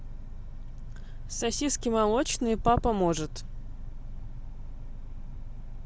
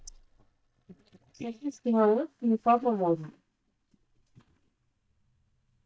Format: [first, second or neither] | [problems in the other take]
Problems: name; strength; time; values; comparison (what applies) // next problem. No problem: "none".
first | noise reduction (neural mask model DeepFilterNet 3)